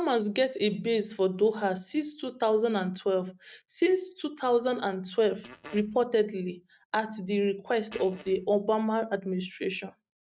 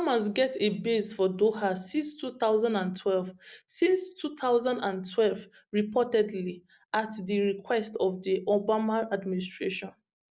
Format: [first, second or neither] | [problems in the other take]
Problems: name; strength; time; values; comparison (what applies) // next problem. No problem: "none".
second | noise reduction (neural mask model RNNoise)